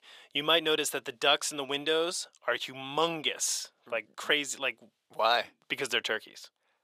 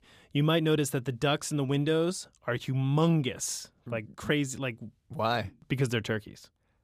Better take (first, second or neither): second